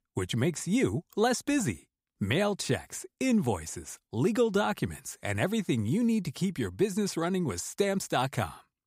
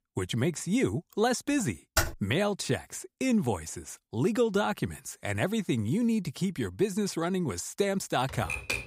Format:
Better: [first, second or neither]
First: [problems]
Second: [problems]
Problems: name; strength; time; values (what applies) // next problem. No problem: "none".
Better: first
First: none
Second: keyboard typing; loud; at 2 s; peak level with the speech // keyboard typing; noticeable; at 8.5 s; peak 2 dB below the speech